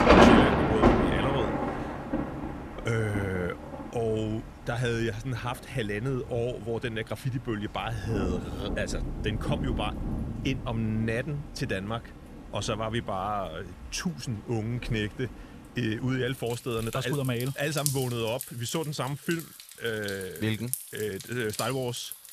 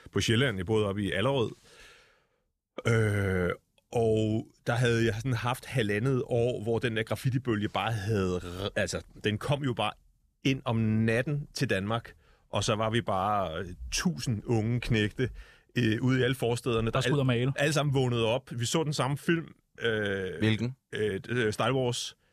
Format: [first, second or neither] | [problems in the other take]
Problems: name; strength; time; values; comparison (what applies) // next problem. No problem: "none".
second | rain or running water; very loud; throughout; 3 dB above the speech